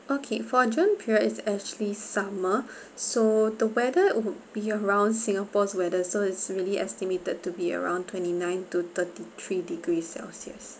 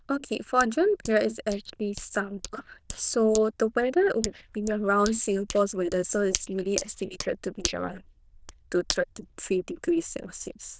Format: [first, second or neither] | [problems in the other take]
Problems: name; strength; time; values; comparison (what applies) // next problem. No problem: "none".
first | noise reduction (neural diffusion model UNIVERSE++)